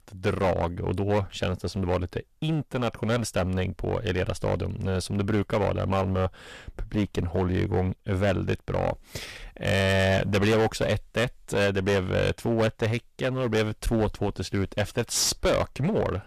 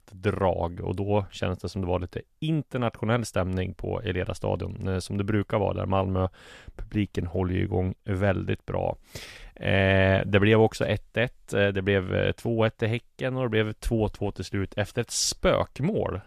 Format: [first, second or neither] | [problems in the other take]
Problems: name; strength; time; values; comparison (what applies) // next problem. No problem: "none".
second | distortion; heavy; 13% of the sound clipped